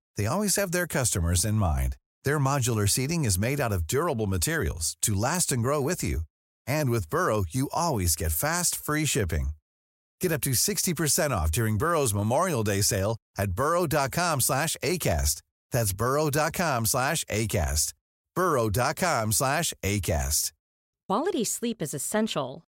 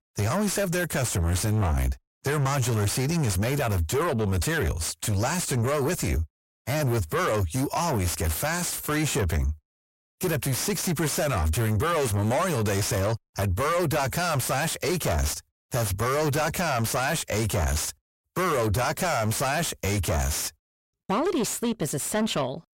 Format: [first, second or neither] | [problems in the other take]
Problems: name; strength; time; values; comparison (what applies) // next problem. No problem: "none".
first | distortion; heavy; 7 dB below the speech